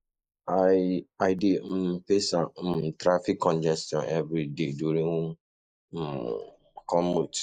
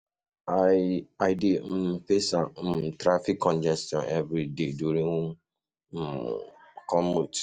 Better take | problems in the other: second | noise reduction (neural mask model Resemble Enhance denoiser)

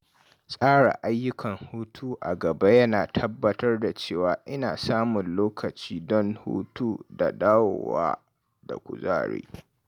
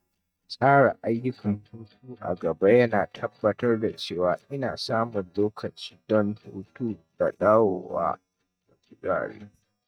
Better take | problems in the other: first | noise reduction (neural mask model DeepFilterNet 3)

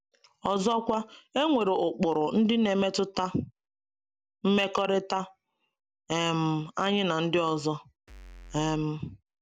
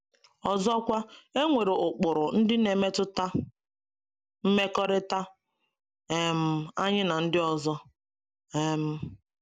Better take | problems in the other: second | background sound (Bass drum / Keyboard (musical)); 18 dB below the speech

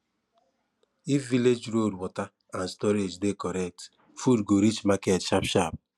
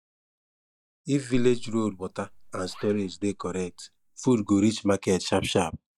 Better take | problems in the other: first | noise reduction (neural mask model DeepFilterNet 3)

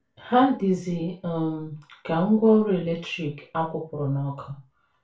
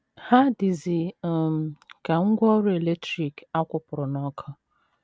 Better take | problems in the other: second | room echo; dies away in 0.3 s

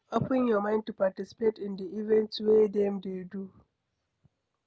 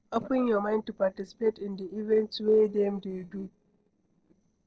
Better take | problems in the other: first | noise reduction (neural separator model SepFormer DNS4)

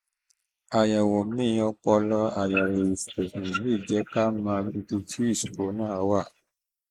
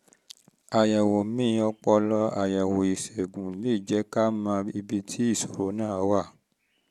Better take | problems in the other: second | noise reduction (neural mask model Resemble Enhance denoiser)

